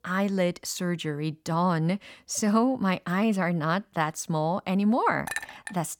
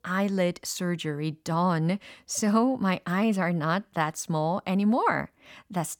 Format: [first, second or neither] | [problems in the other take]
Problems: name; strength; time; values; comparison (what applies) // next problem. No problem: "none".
second | clattering dishes; noticeable; at 5.5 s; peak 7 dB below the speech